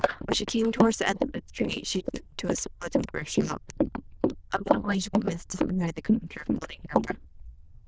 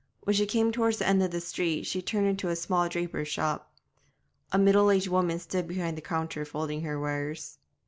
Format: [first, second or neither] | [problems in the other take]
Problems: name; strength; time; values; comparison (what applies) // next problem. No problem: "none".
second | noise reduction (neural diffusion model UNIVERSE++)